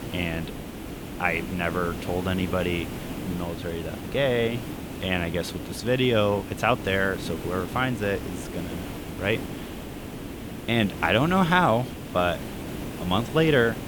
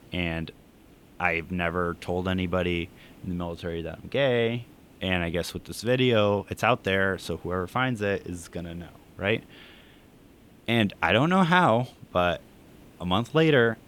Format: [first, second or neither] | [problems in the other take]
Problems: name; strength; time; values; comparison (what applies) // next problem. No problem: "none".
second | hiss; loud; throughout; 10 dB below the speech; faint in the second